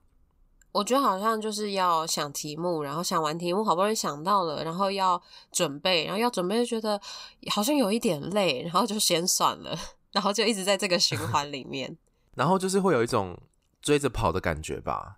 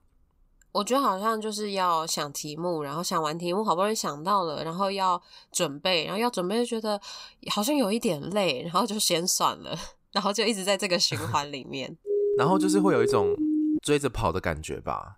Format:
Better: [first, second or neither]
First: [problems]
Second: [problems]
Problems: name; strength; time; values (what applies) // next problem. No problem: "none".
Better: first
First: none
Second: siren; loud; from 12 to 14 s; peak 2 dB above the speech